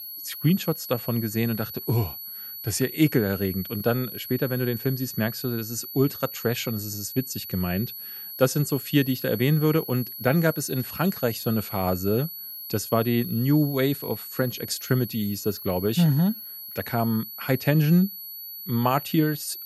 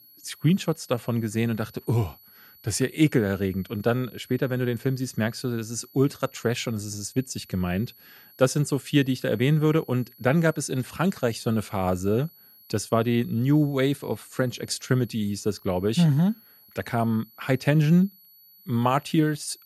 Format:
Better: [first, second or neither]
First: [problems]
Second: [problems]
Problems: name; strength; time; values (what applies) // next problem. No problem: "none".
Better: second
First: high-pitched whine; loud; throughout; 12 kHz, 9 dB below the speech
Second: high-pitched whine; faint; throughout; 12 kHz, 25 dB below the speech